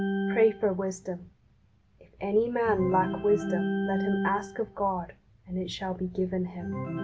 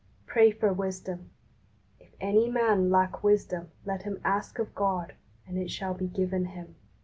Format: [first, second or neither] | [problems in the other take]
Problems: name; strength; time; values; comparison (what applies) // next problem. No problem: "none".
second | background sound (Organ); 5 dB below the speech